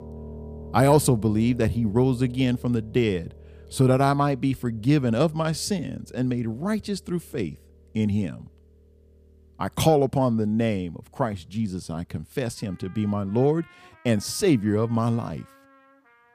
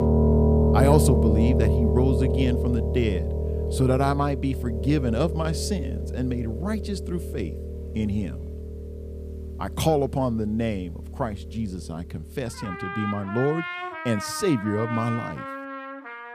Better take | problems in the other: first | background music; loud; throughout; as loud as the speech; faint in the first

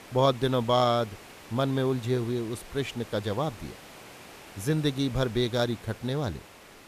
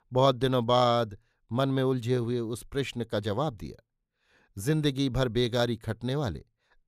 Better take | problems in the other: second | hiss; noticeable; throughout; 20 dB below the speech

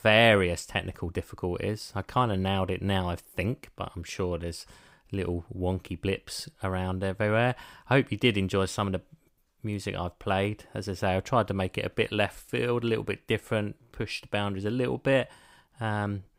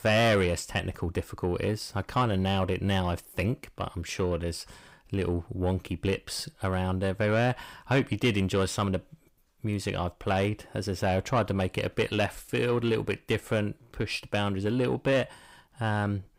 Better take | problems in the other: first | distortion; slight; 10 dB below the speech

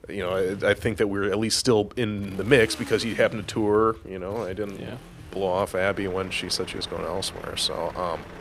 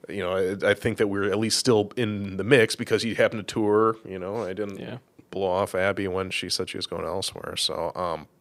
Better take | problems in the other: second | traffic noise; noticeable; throughout; 15 dB below the speech

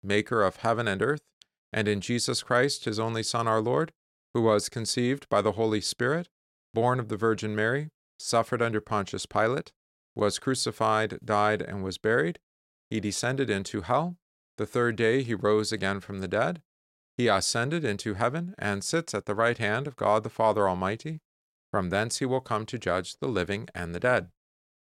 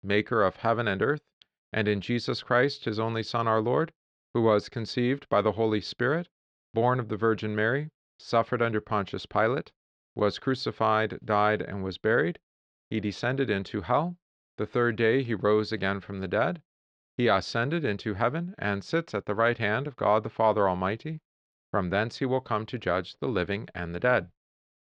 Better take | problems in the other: first | muffled; slightly; fading above 4 kHz

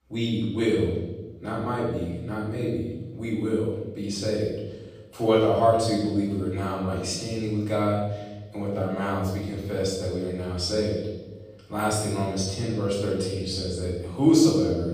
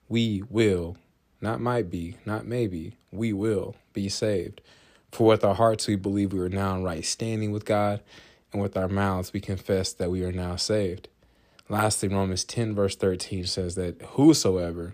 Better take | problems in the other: second | room echo; noticeable; dies away in 1.1 s // off-mic speech; far

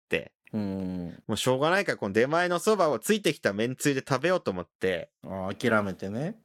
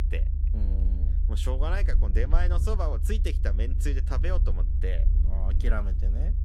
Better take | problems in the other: first | low rumble; loud; throughout; 9 dB below the speech

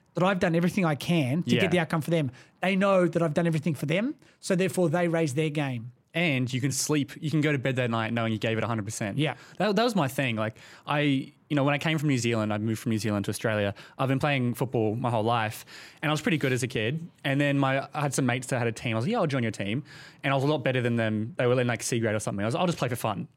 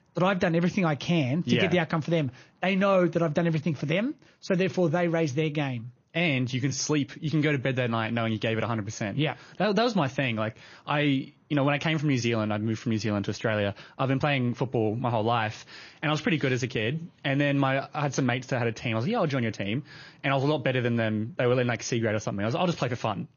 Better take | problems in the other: first | garbled, watery; slightly; nothing above 6.5 kHz

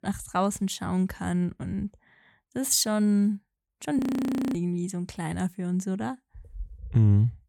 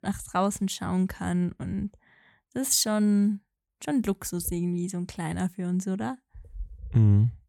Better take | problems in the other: second | audio freezing; at 4 s for 0.5 s

